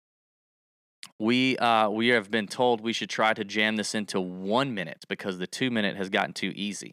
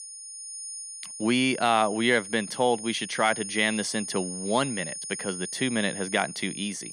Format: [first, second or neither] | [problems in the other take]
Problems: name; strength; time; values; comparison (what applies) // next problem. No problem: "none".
first | high-pitched whine; loud; throughout; 9.5 kHz, 9 dB below the speech